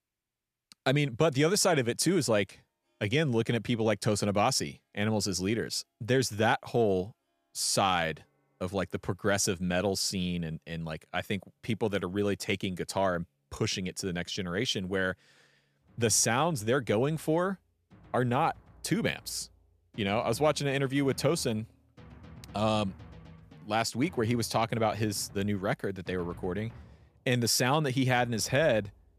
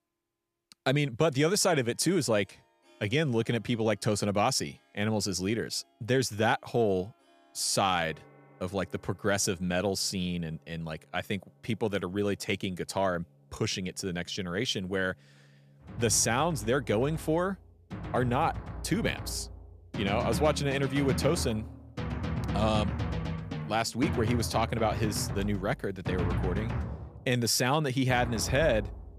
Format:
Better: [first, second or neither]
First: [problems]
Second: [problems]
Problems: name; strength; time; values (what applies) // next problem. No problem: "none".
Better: first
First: background music; faint; throughout; 25 dB below the speech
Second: background music; loud; throughout; 7 dB below the speech